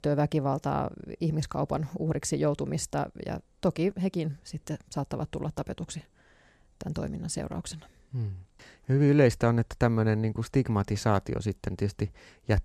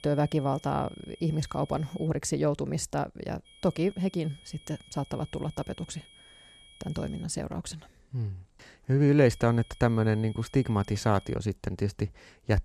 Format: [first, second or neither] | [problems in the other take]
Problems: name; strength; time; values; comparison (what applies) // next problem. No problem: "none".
first | high-pitched whine; faint; until 2 s, from 3.5 to 7 s and from 9 to 11 s; 3.5 kHz, 25 dB below the speech